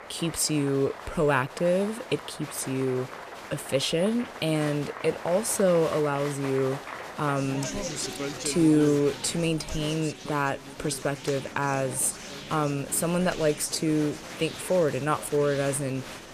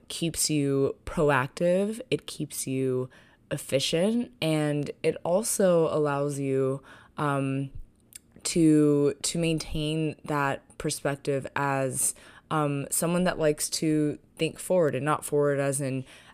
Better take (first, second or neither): second